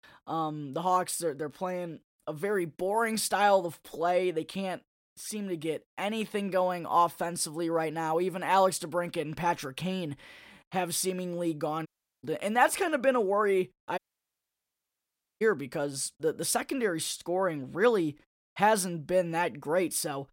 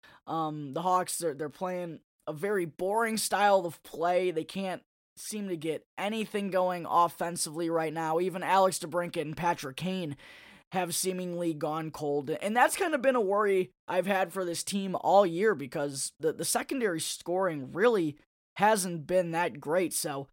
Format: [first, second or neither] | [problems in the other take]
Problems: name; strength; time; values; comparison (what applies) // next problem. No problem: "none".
second | audio cutting out; at 12 s and at 14 s for 1.5 s